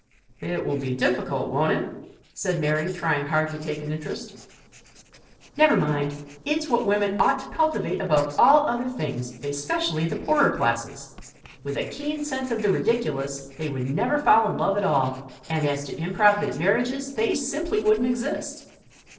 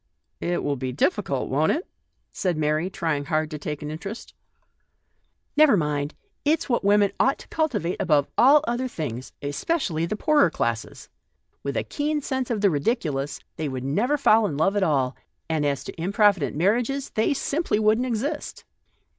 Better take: second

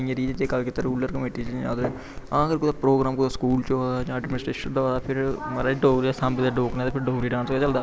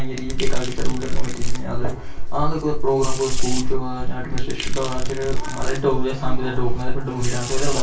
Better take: first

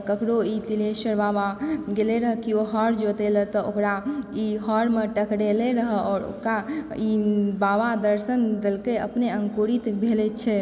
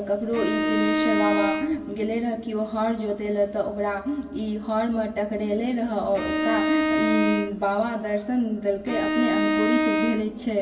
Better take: first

